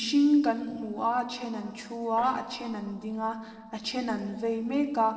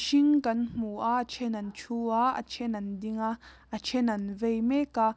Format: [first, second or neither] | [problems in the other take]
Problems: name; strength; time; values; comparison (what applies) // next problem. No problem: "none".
second | noise reduction (neural separator model SepFormer DNS4)